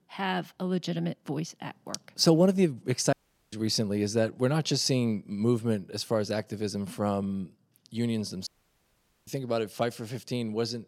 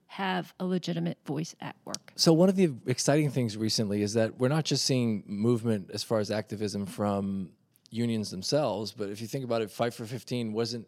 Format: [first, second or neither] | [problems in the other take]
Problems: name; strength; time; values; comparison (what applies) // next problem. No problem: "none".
second | audio cutting out; at 3 s and at 8.5 s for 1 s